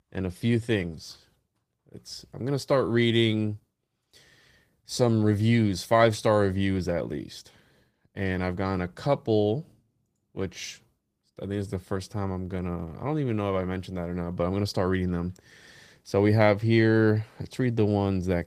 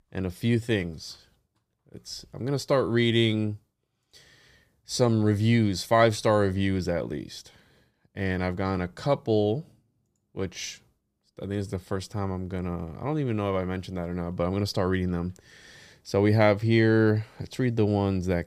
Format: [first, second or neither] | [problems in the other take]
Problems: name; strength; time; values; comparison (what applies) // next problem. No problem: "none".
second | garbled, watery; slightly; nothing above 15 kHz